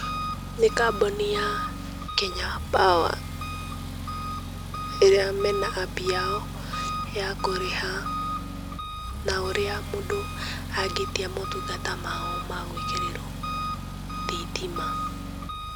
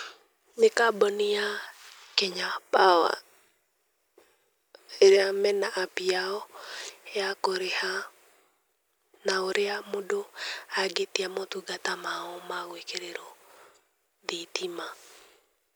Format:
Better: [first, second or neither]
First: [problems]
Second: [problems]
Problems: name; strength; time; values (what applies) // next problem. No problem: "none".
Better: second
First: background sound (Engine); 3 dB below the speech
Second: none